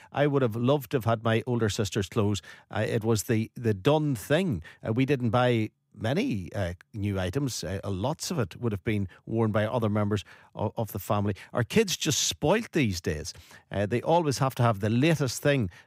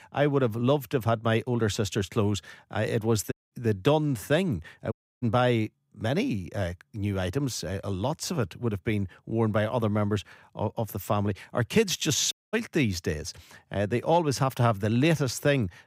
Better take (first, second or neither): first